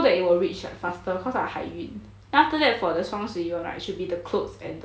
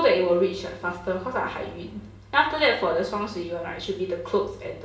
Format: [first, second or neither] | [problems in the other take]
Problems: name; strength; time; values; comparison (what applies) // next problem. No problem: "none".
first | room echo; dies away in 1.4 s